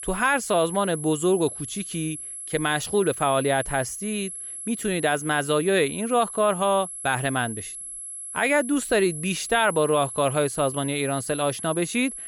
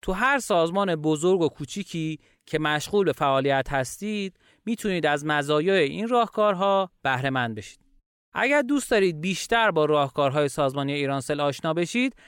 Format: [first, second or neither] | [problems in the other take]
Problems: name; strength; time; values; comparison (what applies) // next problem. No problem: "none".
second | high-pitched whine; loud; throughout; 11 kHz, 9 dB below the speech